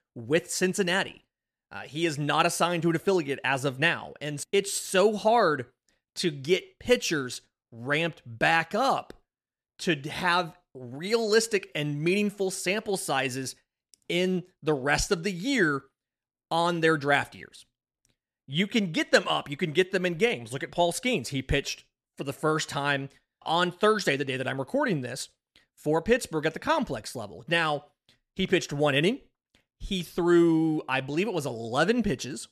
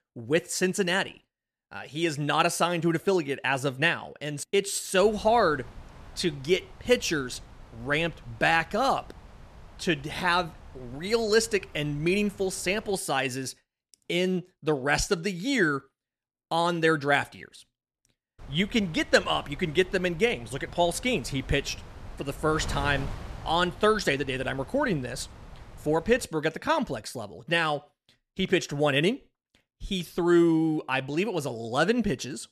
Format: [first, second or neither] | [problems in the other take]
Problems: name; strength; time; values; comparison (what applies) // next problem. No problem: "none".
first | wind noise on the microphone; occasional gusts; from 5 to 13 s and from 18 to 26 s; 25 dB below the speech